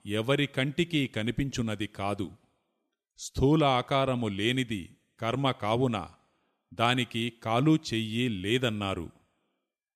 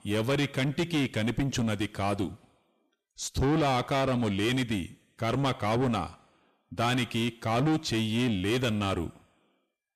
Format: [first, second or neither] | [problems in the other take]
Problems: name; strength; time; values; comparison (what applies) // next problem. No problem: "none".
first | distortion; heavy; 7 dB below the speech